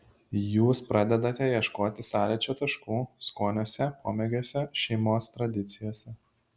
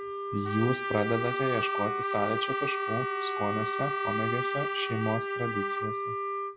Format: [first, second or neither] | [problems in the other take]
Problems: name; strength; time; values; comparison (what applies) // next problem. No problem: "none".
first | background sound (Wind instrument, woodwind instrument + Trumpet); 1 dB above the speech